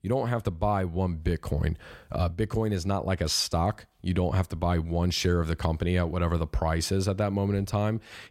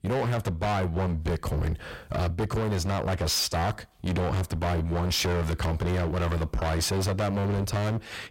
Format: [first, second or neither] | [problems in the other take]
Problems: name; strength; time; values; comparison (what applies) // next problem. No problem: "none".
first | distortion; heavy; 35% of the sound clipped